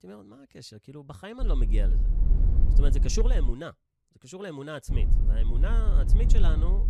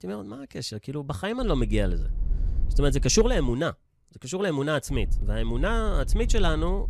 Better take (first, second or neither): second